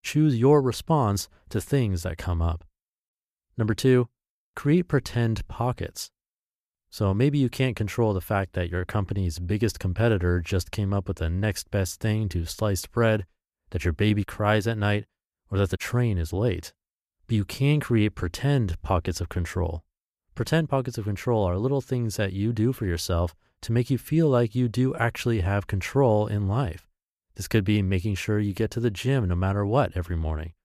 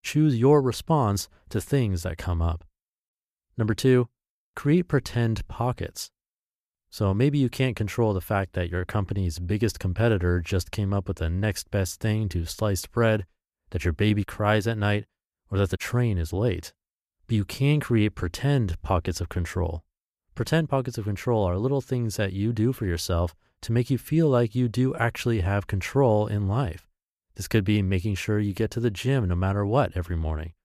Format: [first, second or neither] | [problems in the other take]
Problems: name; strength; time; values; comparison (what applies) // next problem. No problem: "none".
neither | none